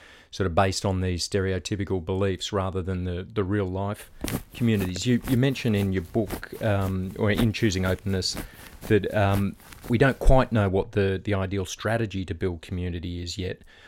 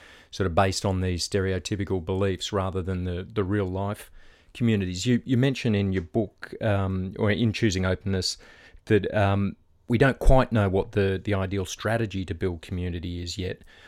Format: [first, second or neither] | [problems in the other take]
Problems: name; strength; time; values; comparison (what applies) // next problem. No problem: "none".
second | footsteps; noticeable; from 4 to 11 s; peak 6 dB below the speech